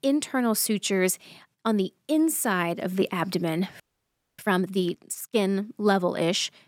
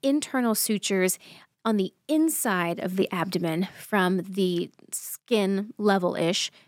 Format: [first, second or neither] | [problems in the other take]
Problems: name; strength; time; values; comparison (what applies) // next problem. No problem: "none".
second | audio freezing; at 4 s for 0.5 s